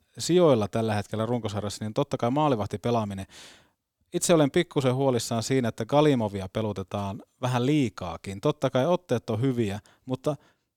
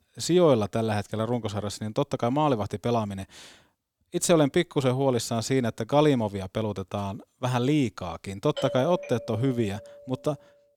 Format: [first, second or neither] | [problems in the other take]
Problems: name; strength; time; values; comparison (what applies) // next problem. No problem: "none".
first | doorbell; noticeable; from 8.5 to 10 s; peak 8 dB below the speech